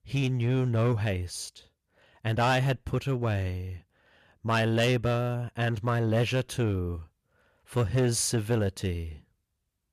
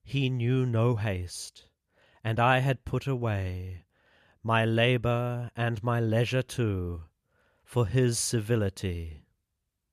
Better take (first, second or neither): second